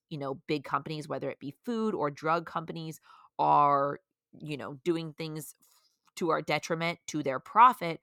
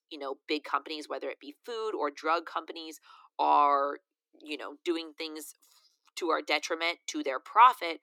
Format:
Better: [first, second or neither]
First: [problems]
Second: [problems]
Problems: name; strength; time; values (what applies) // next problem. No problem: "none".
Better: first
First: none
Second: thin; somewhat; fading below 300 Hz